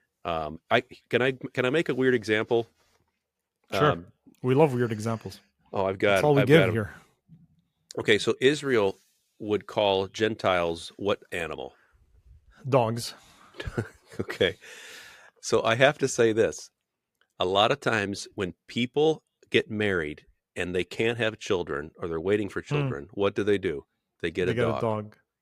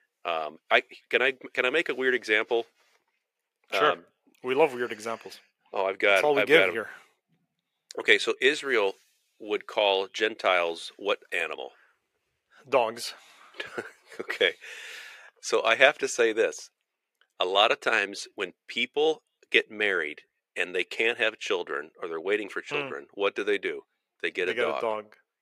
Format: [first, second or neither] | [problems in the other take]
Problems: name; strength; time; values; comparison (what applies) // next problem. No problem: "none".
first | thin; somewhat; fading below 450 Hz